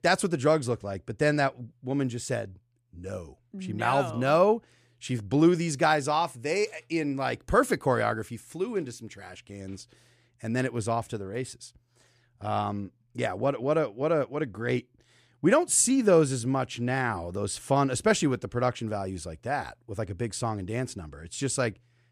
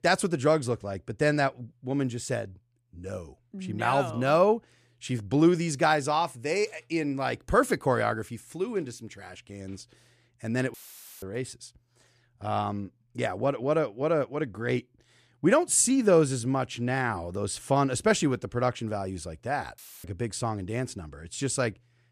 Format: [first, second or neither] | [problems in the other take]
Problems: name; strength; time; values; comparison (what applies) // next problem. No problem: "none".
first | audio cutting out; filled with static; at 11 s and at 20 s